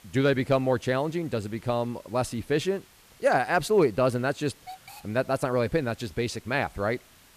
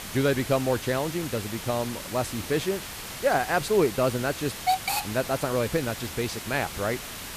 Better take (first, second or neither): first